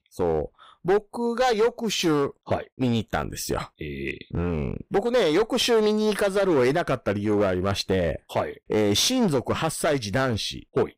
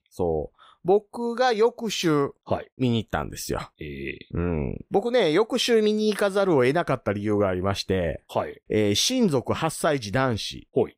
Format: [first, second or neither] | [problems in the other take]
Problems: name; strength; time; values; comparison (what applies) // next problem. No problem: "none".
second | distortion; slight; 8% of the sound clipped